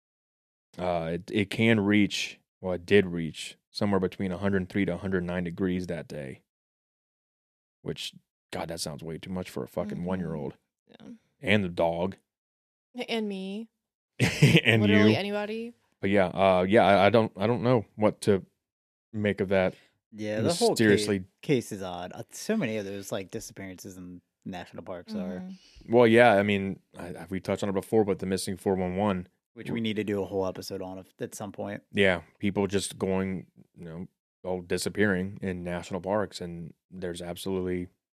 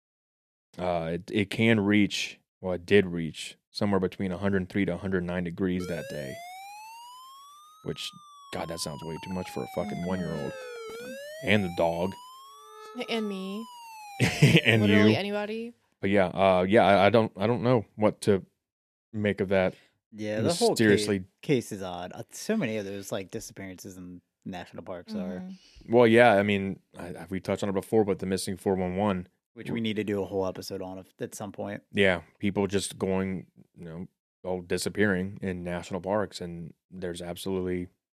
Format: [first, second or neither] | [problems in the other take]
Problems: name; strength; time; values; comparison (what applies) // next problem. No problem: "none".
first | siren; faint; from 6 to 15 s; peak 15 dB below the speech